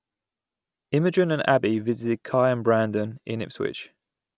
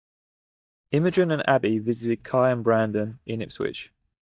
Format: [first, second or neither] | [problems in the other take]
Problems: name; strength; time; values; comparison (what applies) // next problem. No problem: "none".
first | noise reduction (neural mask model DeepFilterNet 3)